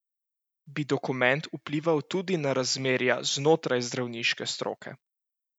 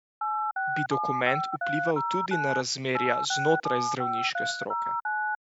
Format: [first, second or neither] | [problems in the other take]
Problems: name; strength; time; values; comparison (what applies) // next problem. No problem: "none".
first | noise reduction (neural mask model RNNoise)